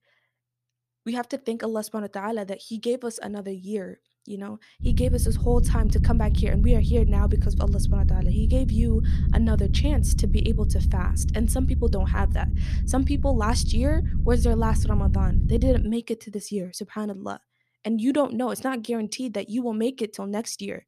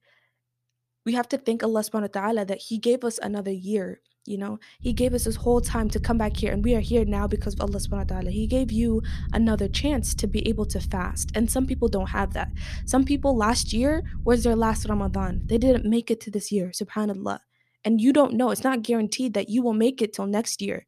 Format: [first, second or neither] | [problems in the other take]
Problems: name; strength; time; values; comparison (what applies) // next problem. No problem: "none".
second | low rumble; loud; from 5 to 16 s; 9 dB below the speech; faint in the second